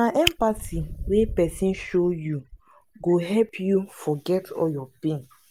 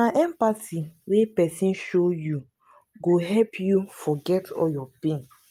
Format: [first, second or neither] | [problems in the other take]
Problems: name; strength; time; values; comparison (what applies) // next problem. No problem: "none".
second | background sound (Fire); 12 dB below the speech